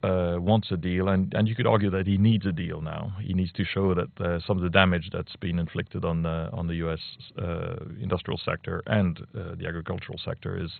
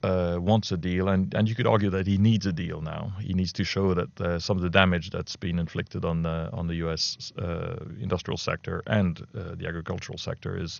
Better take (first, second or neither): second